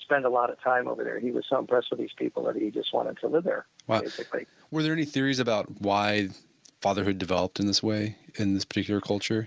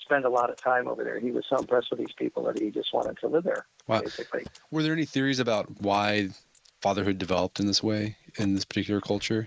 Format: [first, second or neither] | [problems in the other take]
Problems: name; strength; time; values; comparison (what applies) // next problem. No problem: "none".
first | noise reduction (neural mask model Resemble Enhance denoiser)